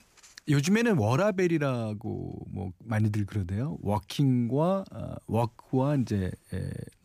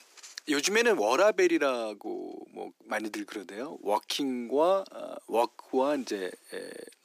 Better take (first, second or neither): first